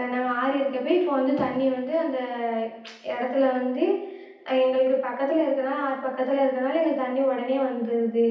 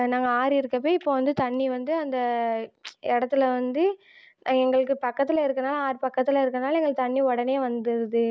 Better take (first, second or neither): second